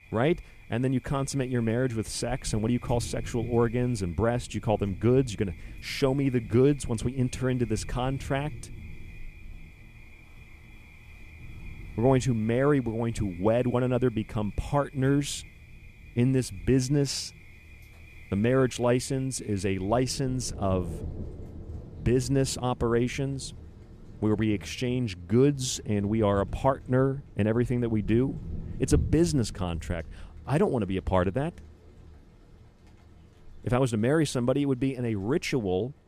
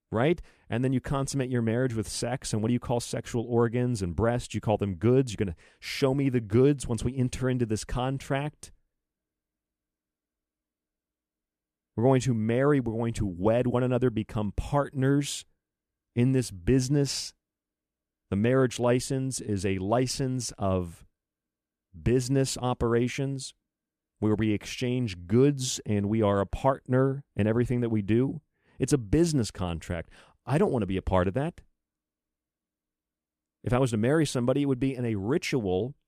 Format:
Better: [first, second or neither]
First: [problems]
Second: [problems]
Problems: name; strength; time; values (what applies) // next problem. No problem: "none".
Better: second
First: rain or running water; noticeable; throughout; 15 dB below the speech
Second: none